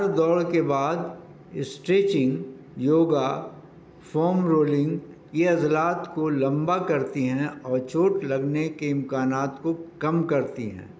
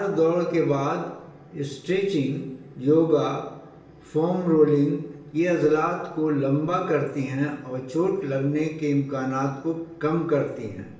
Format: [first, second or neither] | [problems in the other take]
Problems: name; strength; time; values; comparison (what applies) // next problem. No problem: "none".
first | room echo; dies away in 0.8 s